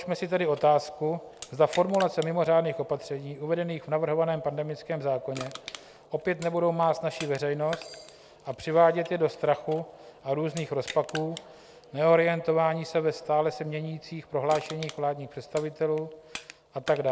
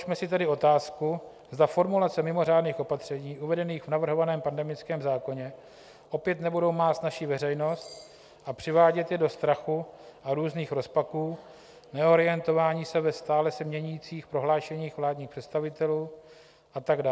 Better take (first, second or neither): second